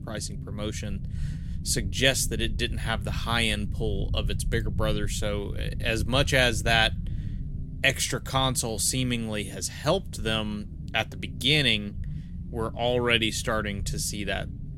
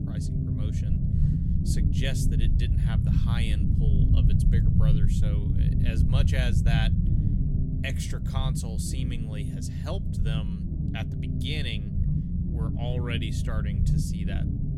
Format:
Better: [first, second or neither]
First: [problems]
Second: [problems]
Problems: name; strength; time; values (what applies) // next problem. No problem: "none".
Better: first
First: low rumble; faint; throughout; 20 dB below the speech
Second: low rumble; loud; throughout; as loud as the speech